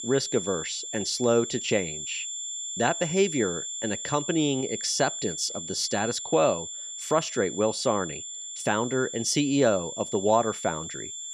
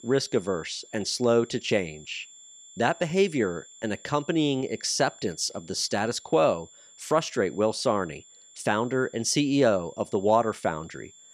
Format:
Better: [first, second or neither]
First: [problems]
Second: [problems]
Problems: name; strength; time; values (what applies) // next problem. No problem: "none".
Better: second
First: high-pitched whine; loud; throughout; 7.5 kHz, 6 dB below the speech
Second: high-pitched whine; faint; throughout; 7.5 kHz, 20 dB below the speech